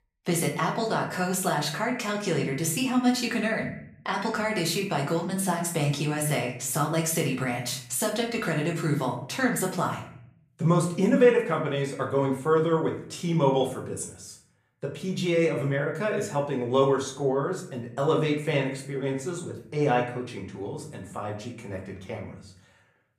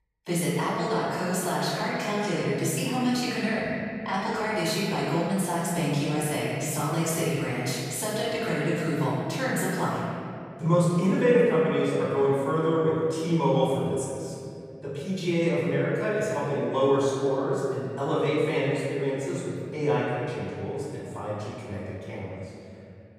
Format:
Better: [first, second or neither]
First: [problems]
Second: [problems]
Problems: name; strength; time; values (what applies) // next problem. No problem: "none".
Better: first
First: room echo; slight; dies away in 0.5 s // off-mic speech; far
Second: room echo; strong; dies away in 2.6 s // off-mic speech; far